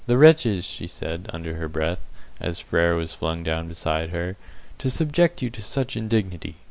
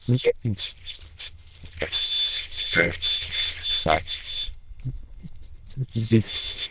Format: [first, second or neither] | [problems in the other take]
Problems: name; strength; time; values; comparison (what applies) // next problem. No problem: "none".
first | noise reduction (neural diffusion model UNIVERSE++)